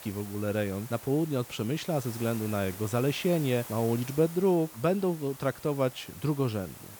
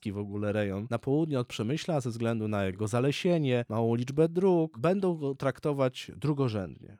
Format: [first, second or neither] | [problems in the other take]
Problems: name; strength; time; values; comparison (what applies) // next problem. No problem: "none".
second | hiss; noticeable; throughout; 15 dB below the speech